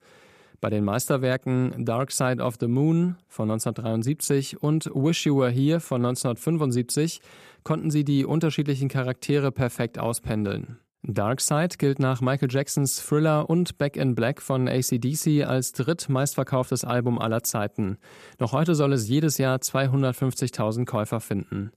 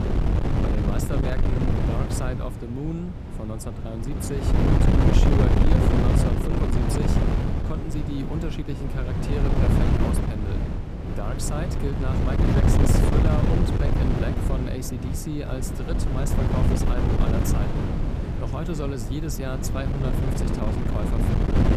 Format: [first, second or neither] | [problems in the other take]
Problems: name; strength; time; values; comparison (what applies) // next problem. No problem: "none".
first | wind noise on the microphone; heavy; 4 dB above the speech